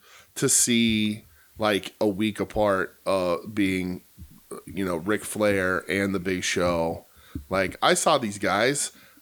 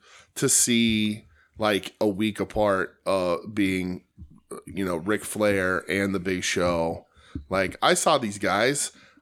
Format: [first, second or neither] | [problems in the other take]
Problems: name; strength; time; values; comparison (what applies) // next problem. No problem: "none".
second | hiss; faint; throughout; 30 dB below the speech